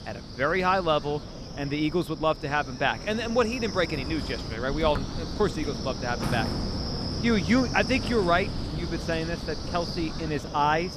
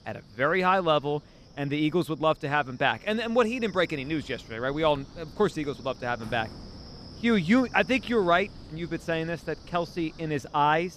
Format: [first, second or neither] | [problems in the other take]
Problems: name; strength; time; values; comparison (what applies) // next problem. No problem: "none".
second | wind noise on the microphone; heavy; 10 dB below the speech; occasional gusts in the second